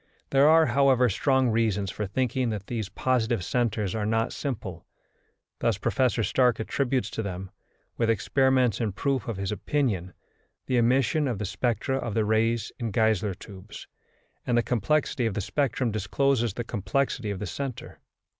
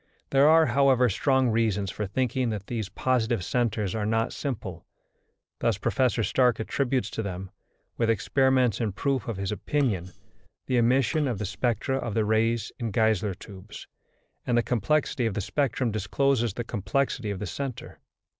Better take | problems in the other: first | noise reduction (neural separator model SepFormer DNS4)

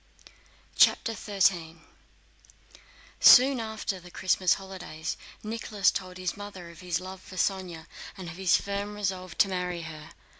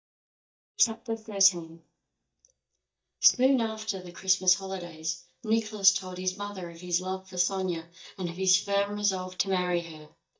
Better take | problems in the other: first | noise reduction (neural mask model DeepFilterNet 3)

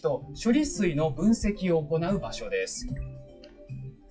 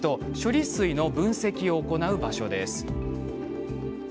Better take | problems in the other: second | noise reduction (classical method WPE with log-MMSE)

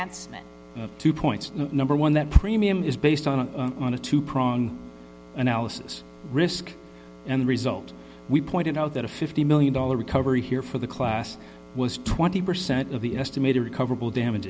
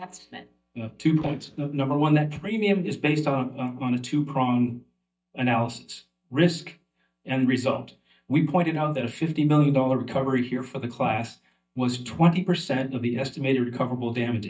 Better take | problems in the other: first | noise reduction (neural mask model DeepFilterNet 3)

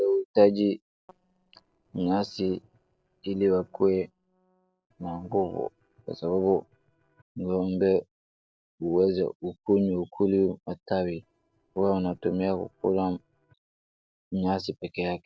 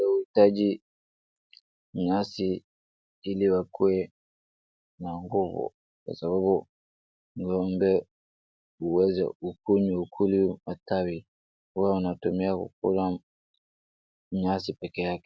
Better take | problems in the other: second | noise reduction (neural separator model SepFormer DNS4)

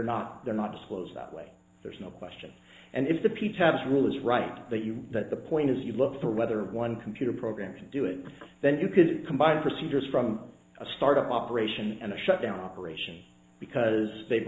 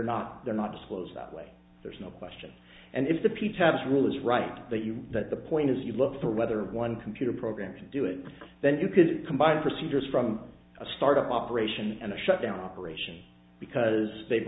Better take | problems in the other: second | noise reduction (neural separator model SepFormer DNS4)

